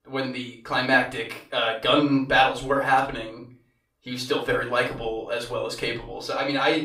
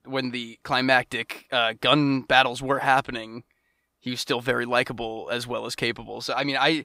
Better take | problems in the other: second | off-mic speech; far // room echo; slight; dies away in 0.3 s

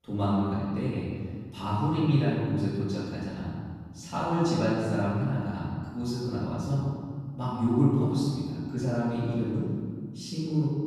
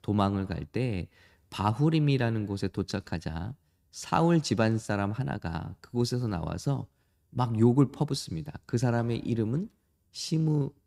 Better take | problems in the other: second | off-mic speech; far // room echo; strong; dies away in 1.8 s

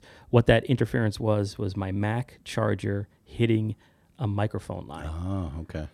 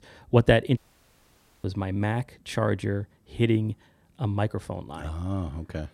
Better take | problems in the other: first | audio cutting out; at 1 s for 1 s

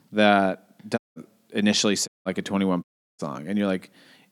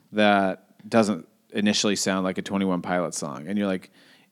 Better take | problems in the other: second | audio cutting out; at 1 s, at 2 s and at 3 s

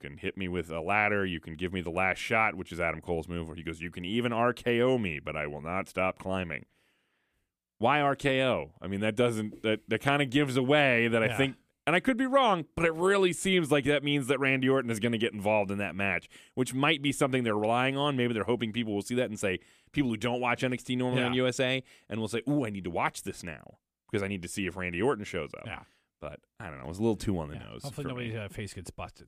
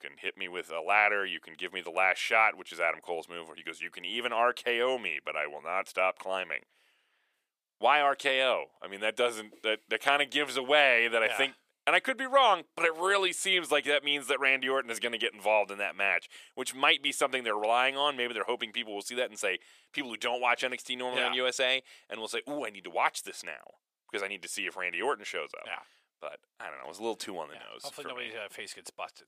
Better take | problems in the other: first | thin; very; fading below 650 Hz

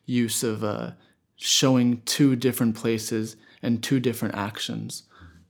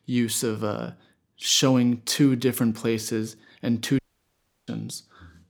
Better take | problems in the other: first | audio cutting out; at 4 s for 0.5 s

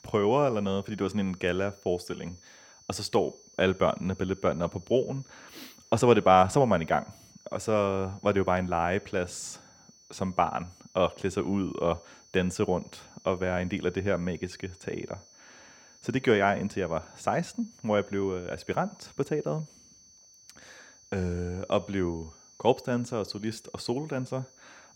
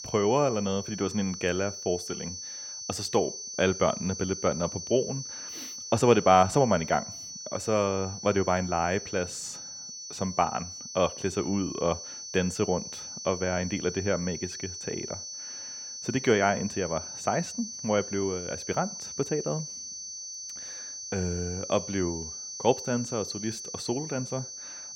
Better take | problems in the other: first | high-pitched whine; loud; throughout; 6 kHz, 8 dB below the speech; faint in the first

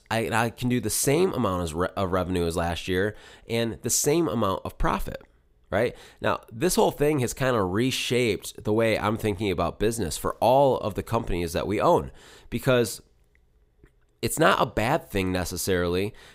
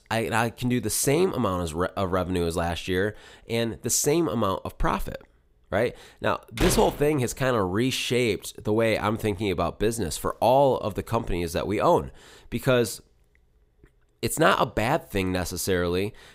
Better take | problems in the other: first | door banging; noticeable; at 6.5 s; peak 3 dB below the speech

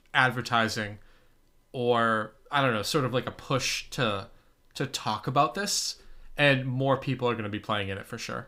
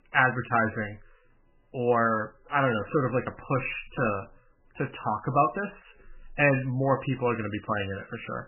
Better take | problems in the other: first | garbled, watery; badly; nothing above 3 kHz

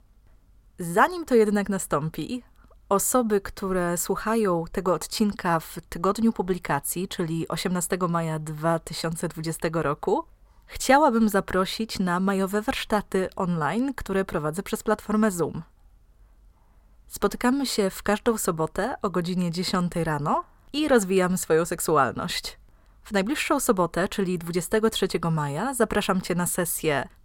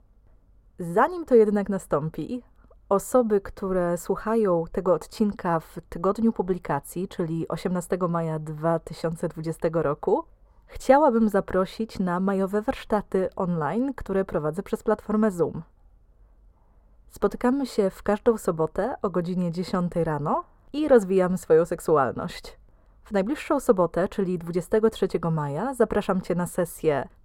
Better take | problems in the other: first | muffled; slightly; fading above 1.5 kHz

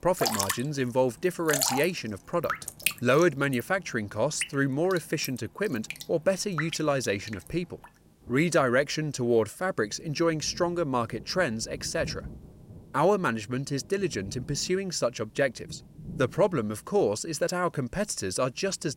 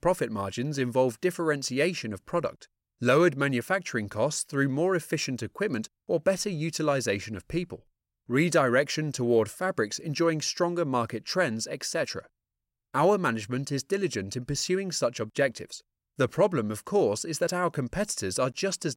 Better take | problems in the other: second | rain or running water; loud; throughout; 7 dB below the speech

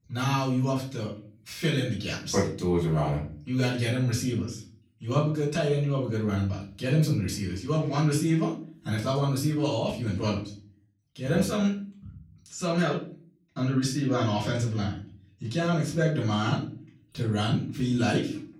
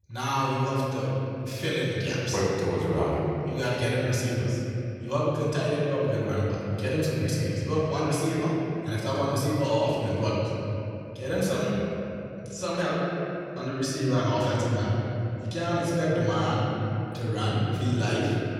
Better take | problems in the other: first | room echo; strong; dies away in 2.9 s; slight in the first // off-mic speech; far; far in the first

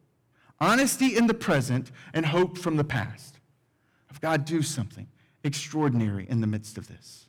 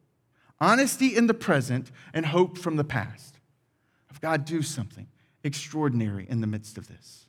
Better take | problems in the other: second | distortion; slight; 4% of the sound clipped

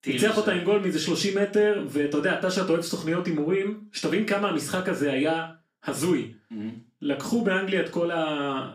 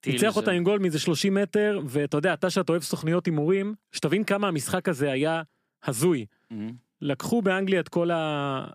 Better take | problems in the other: second | room echo; slight; dies away in 0.3 s // off-mic speech; far

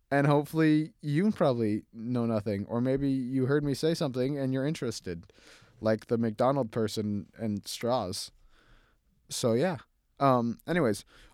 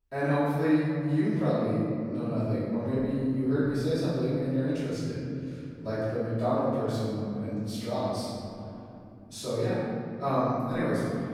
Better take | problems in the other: first | off-mic speech; far // room echo; strong; dies away in 3 s

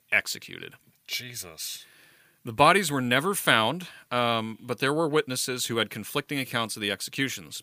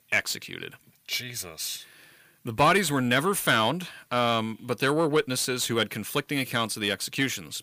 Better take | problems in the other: first | distortion; slight; 10 dB below the speech

